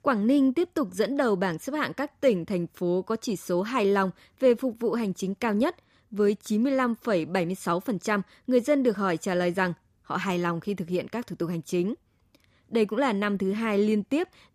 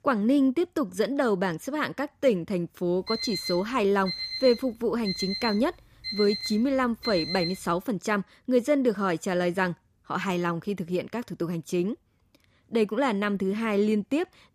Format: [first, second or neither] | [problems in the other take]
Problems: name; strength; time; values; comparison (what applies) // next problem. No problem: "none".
first | alarm; noticeable; from 3 to 8 s; peak 3 dB below the speech